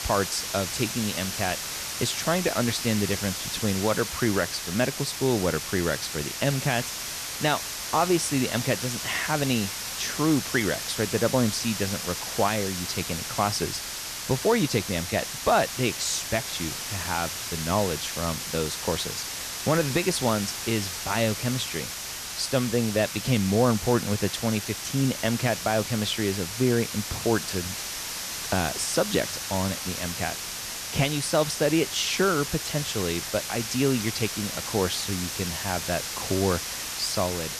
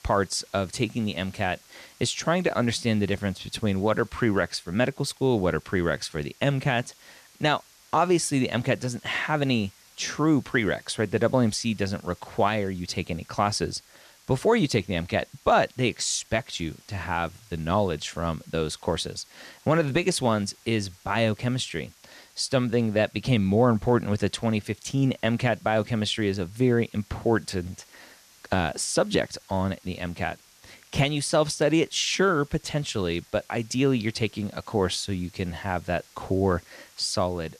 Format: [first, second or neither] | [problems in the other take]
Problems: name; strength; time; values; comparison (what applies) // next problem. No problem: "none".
second | hiss; loud; throughout; 4 dB below the speech; faint in the second